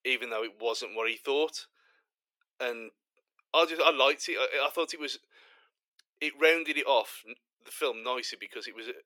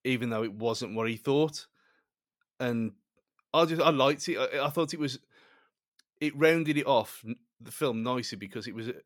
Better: second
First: thin; very; fading below 350 Hz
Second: none

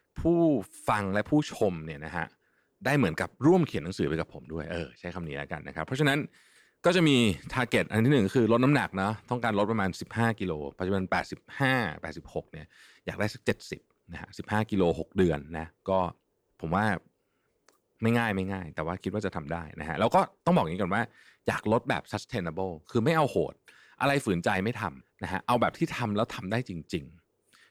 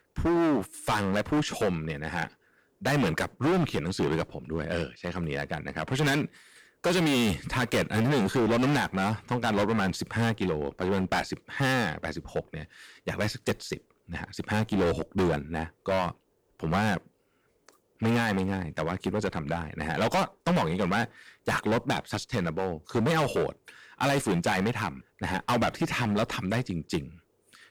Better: first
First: none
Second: distortion; heavy; 13% of the sound clipped

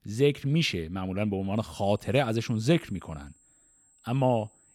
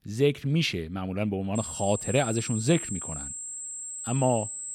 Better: first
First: high-pitched whine; faint; from 1.5 s on; 7.5 kHz, 30 dB below the speech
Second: high-pitched whine; loud; from 1.5 s on; 7.5 kHz, 7 dB below the speech

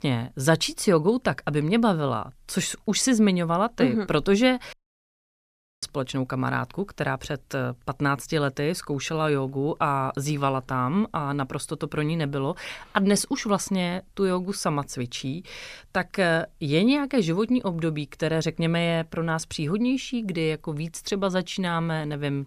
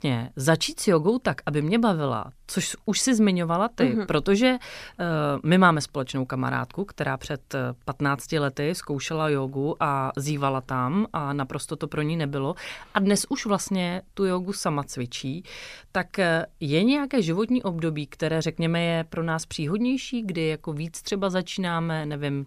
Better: second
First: audio cutting out; at 4.5 s for 1 s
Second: none

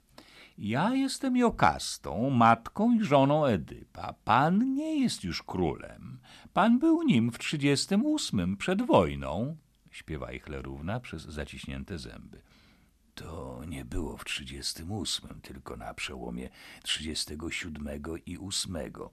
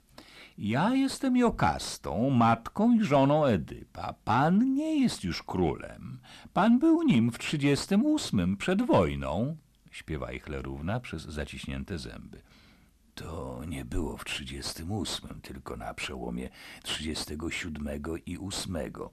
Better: first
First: none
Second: distortion; slight; 10 dB below the speech

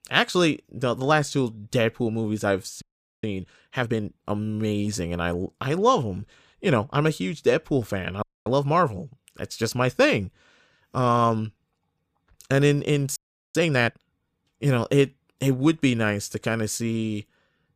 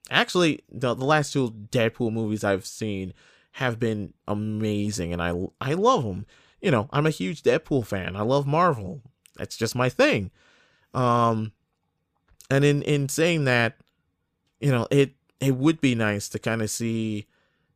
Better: second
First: audio freezing; at 3 s, at 8 s and at 13 s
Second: none

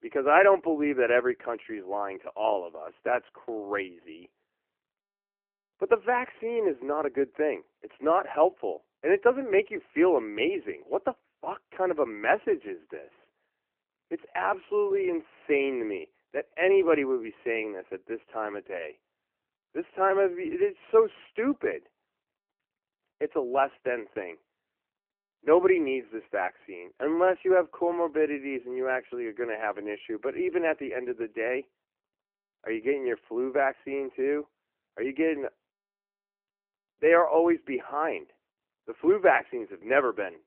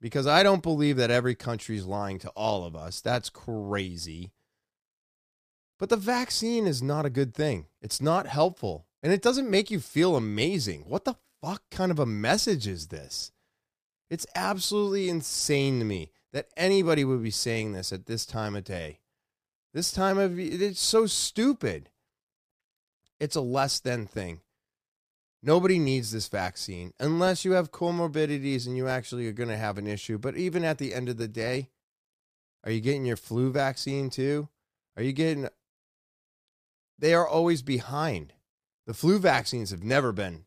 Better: second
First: phone-call audio; nothing above 3 kHz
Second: none

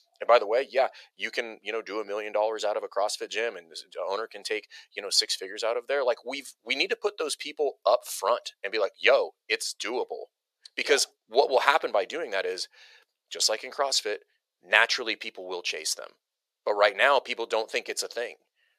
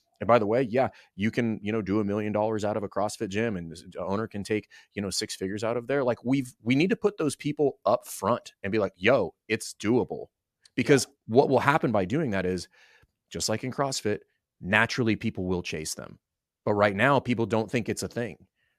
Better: second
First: thin; very; fading below 500 Hz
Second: none

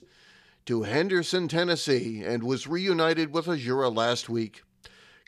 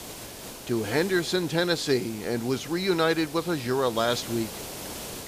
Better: first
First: none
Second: hiss; noticeable; throughout; 10 dB below the speech

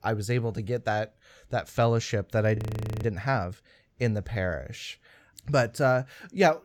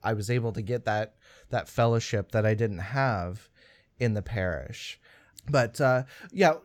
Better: second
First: audio freezing; at 2.5 s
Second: none

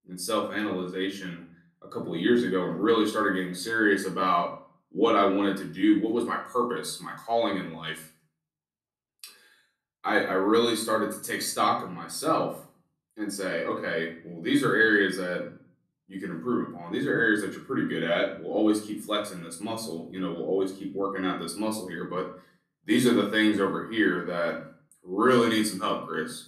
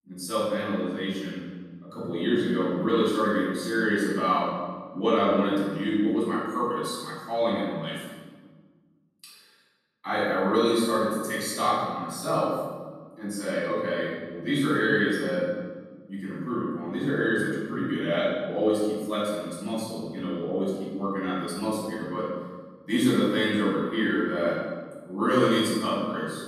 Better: first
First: room echo; slight; dies away in 0.4 s // off-mic speech; far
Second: room echo; strong; dies away in 1.3 s // off-mic speech; far

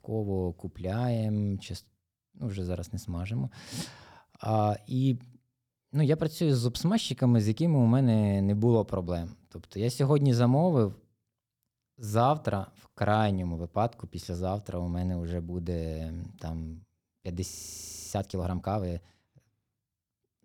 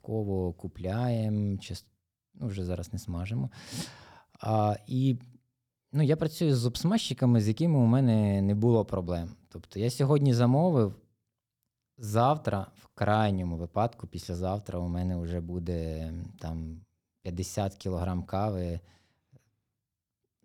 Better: second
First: audio freezing; at 18 s for 0.5 s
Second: none

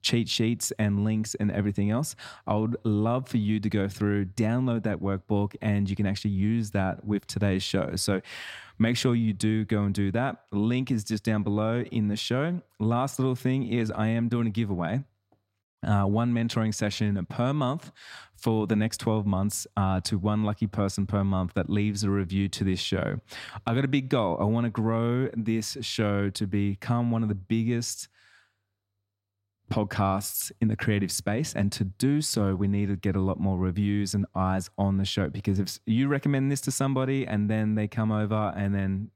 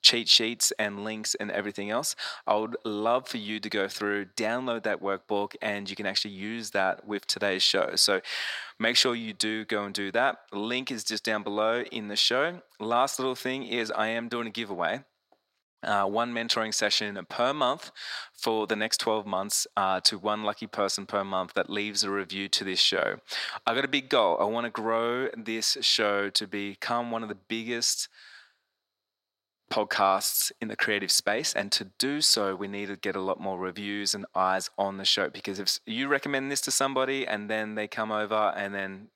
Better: first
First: none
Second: thin; very; fading below 550 Hz

